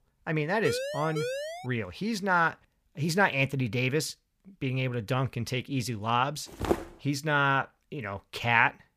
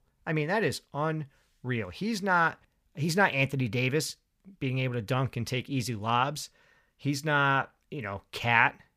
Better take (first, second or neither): second